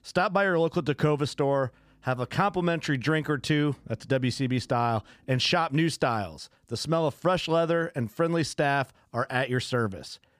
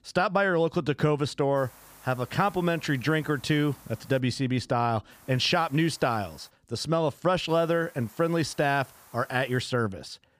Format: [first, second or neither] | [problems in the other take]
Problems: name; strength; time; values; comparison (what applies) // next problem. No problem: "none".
first | hiss; faint; from 1.5 to 4 s, from 5 to 6.5 s and from 7.5 to 9.5 s; 25 dB below the speech